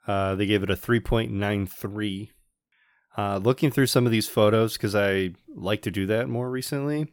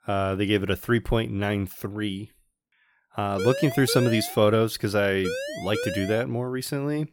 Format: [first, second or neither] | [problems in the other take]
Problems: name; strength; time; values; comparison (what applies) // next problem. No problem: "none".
first | siren; noticeable; at 3.5 s and at 5 s; peak 5 dB below the speech